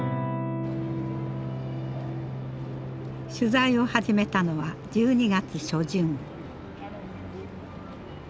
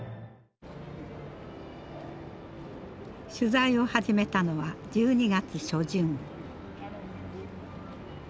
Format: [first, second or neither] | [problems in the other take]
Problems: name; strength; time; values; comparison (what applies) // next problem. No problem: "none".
second | background sound (Electric guitar / Strum); 7 dB below the speech